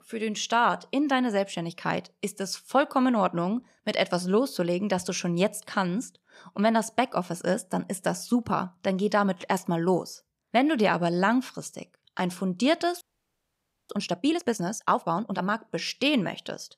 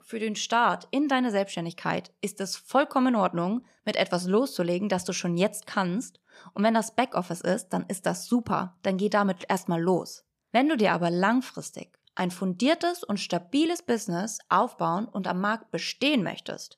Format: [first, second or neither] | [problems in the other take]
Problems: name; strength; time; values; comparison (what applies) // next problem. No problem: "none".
second | audio freezing; at 13 s for 1 s